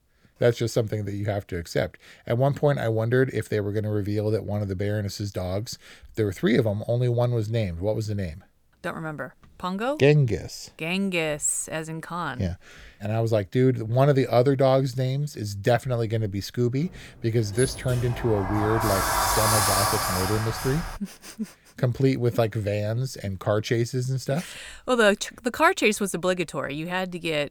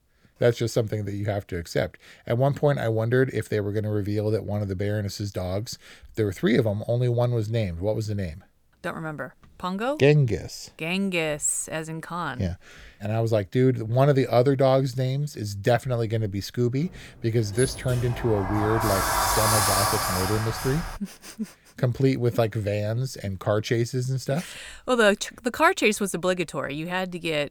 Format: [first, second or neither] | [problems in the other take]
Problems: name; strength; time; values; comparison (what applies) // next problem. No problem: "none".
neither | door banging; loud; from 18 to 21 s; peak 5 dB above the speech; the same in both